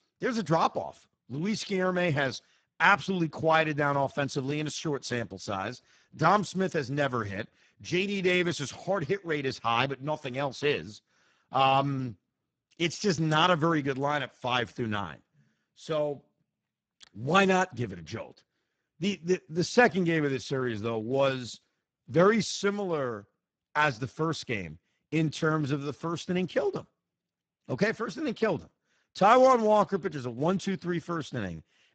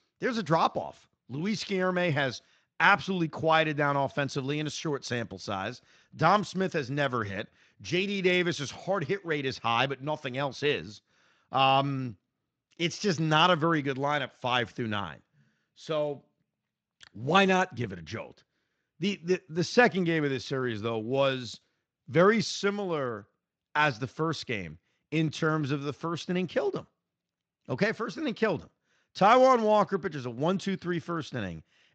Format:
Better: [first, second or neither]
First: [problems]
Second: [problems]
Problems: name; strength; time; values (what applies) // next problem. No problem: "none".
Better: second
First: garbled, watery; badly; nothing above 7.5 kHz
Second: garbled, watery; slightly